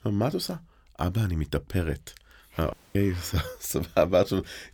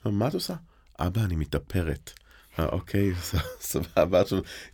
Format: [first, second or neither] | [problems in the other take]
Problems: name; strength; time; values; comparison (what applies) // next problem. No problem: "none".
second | audio cutting out; at 2.5 s